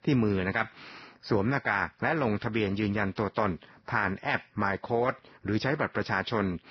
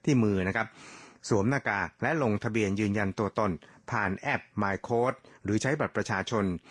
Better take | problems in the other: second | garbled, watery; badly; nothing above 5.5 kHz; slightly in the second

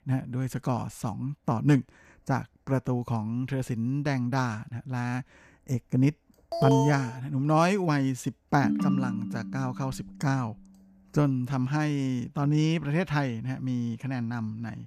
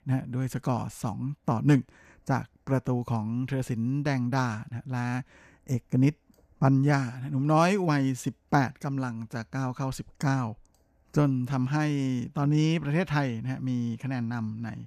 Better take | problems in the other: second | alarm; loud; at 6.5 s; peak 1 dB above the speech // phone ringing; loud; from 8.5 to 10 s; peak 2 dB above the speech

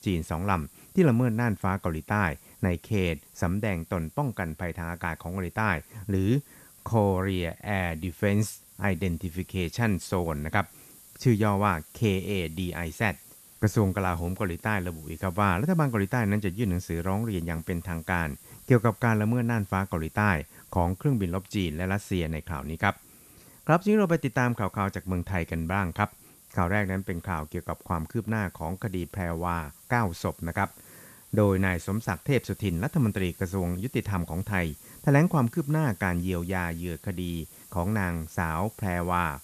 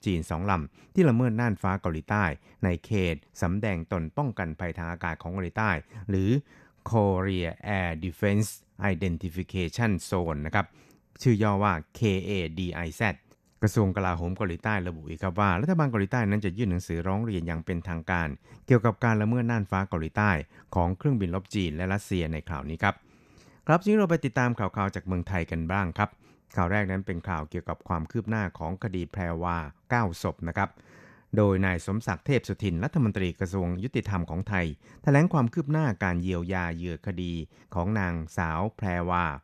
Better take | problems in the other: second | hiss; faint; throughout; 20 dB below the speech

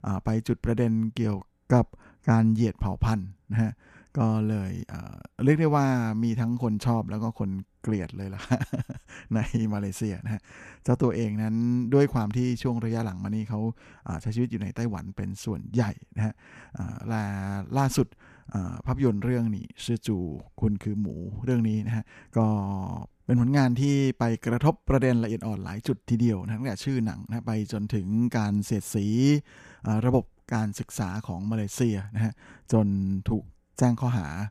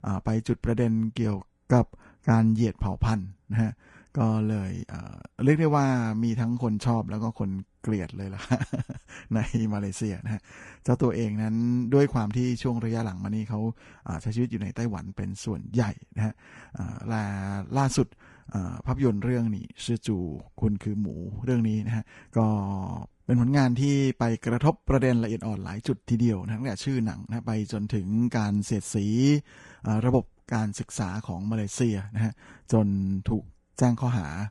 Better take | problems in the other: first | garbled, watery; slightly; nothing above 10.5 kHz

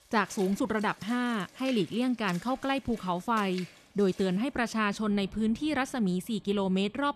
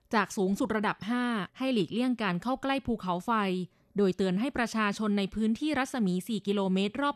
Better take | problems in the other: second | rain or running water; faint; throughout; 20 dB below the speech

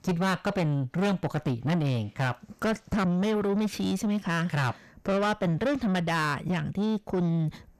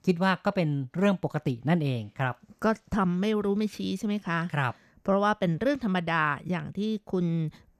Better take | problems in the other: second | distortion; heavy; 8 dB below the speech

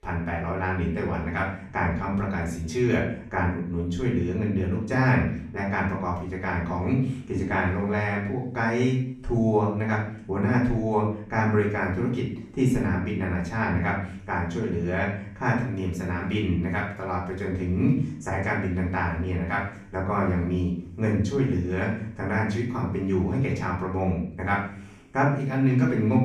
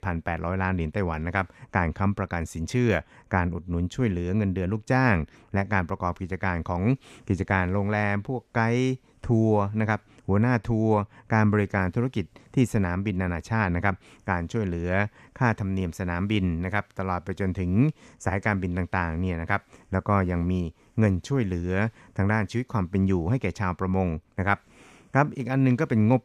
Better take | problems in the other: second | room echo; noticeable; dies away in 0.5 s // off-mic speech; far

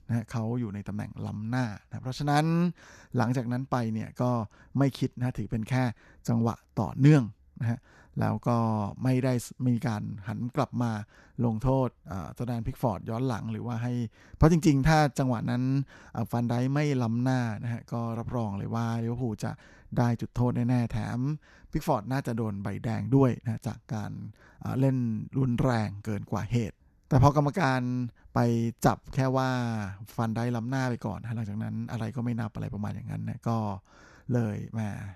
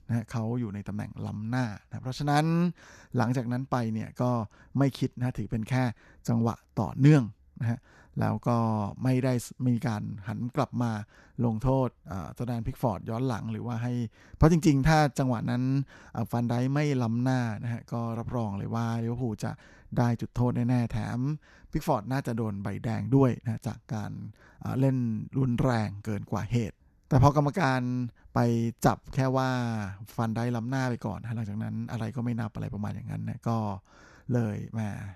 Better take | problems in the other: neither | none

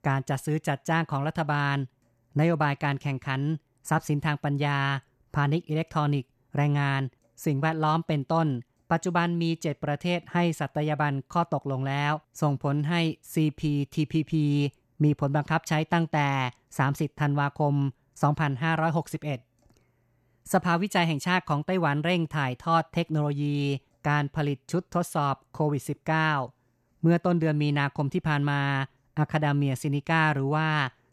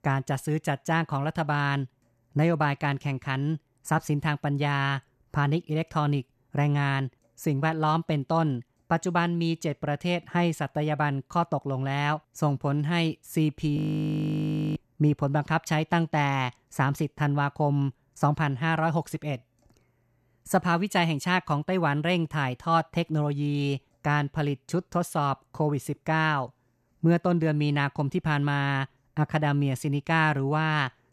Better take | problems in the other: first | audio freezing; at 14 s for 1 s

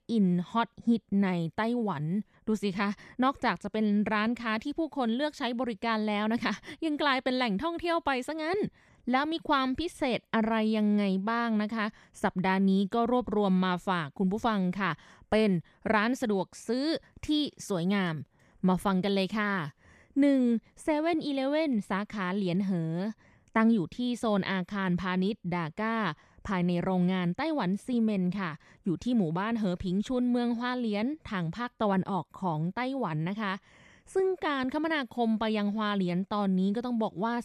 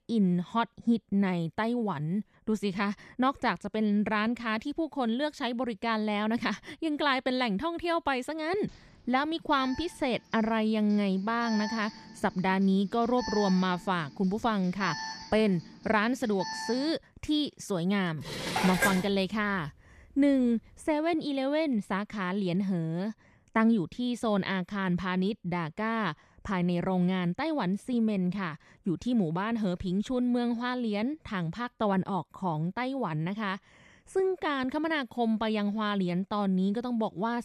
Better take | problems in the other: first | alarm; noticeable; from 8.5 to 17 s; peak 6 dB below the speech // clattering dishes; loud; at 18 s; peak 2 dB above the speech

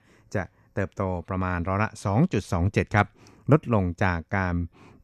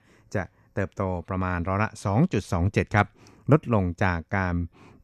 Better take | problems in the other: neither | none

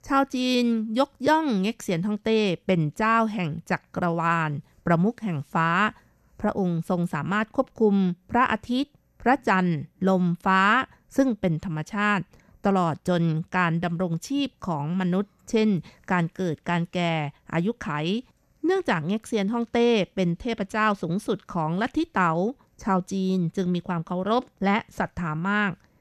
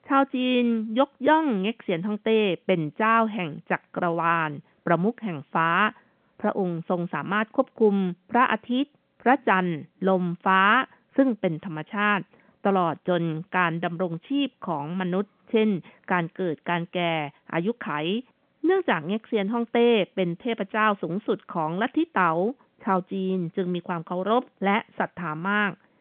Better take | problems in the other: first | phone-call audio; nothing above 3.5 kHz

